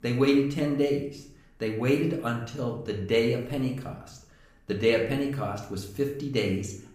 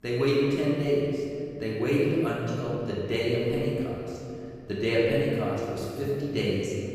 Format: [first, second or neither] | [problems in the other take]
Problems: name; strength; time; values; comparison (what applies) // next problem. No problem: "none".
first | room echo; strong; dies away in 2.3 s; slight in the first // off-mic speech; far; somewhat distant in the first